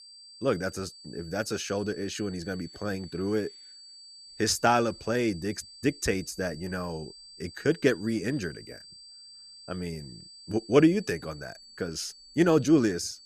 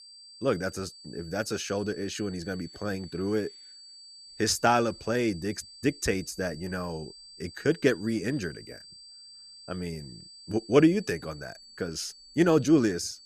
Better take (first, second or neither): neither